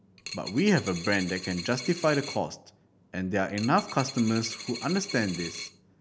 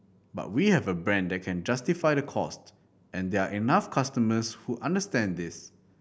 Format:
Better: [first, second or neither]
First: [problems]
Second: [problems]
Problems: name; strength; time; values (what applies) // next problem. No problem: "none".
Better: second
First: background sound (Coin (dropping)); 11 dB below the speech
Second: none